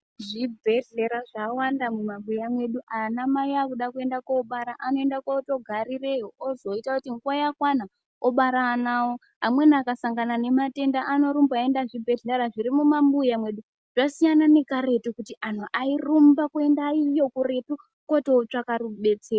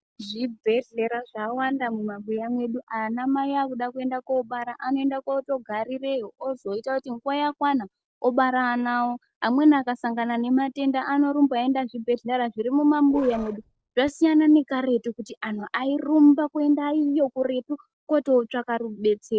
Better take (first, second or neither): first